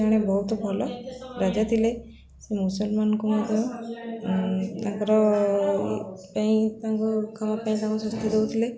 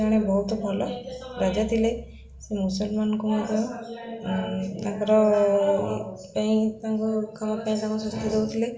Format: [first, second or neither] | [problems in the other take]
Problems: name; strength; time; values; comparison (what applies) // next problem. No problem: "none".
first | room echo; dies away in 0.6 s